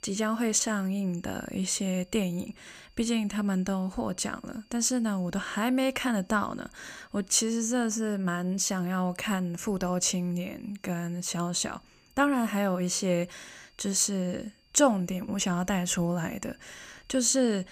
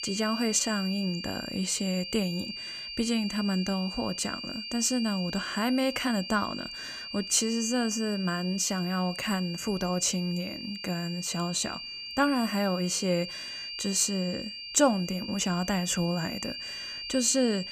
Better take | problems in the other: first | high-pitched whine; loud; throughout; 4.5 kHz, 7 dB below the speech; faint in the first

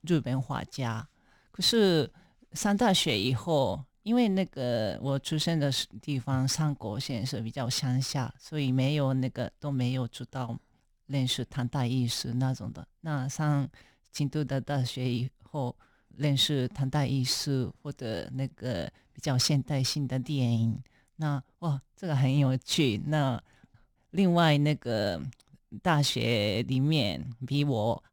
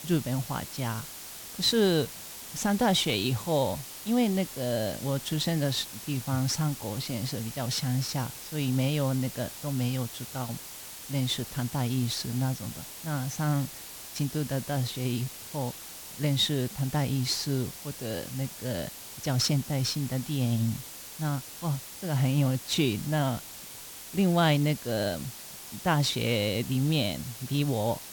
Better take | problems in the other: first | hiss; noticeable; throughout; 10 dB below the speech

